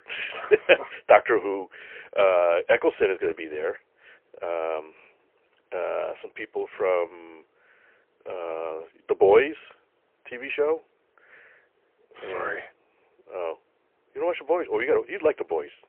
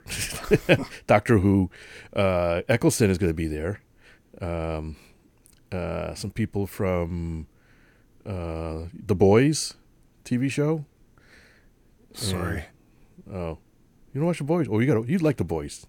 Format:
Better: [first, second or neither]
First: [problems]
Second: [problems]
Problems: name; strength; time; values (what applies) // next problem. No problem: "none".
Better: second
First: phone-call audio; poor line; nothing above 3 kHz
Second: none